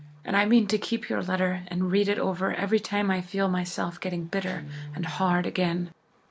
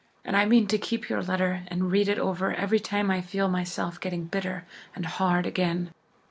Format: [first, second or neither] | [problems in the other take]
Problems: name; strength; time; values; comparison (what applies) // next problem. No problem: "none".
second | background sound (Guitar); 20 dB below the speech